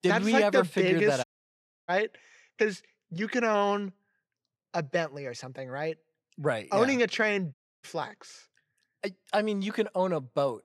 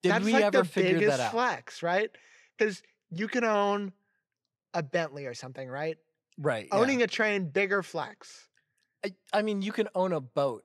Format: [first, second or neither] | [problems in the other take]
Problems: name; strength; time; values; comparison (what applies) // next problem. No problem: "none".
second | audio cutting out; at 1 s for 0.5 s and at 7.5 s